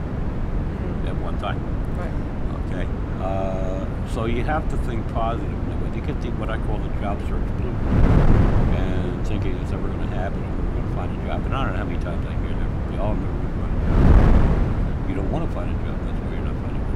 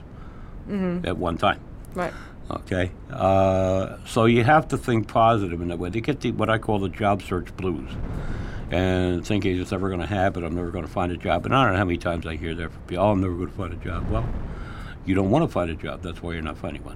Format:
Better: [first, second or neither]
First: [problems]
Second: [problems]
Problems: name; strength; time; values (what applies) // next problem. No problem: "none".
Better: second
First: wind noise on the microphone; heavy; 1 dB above the speech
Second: wind noise on the microphone; occasional gusts; 25 dB below the speech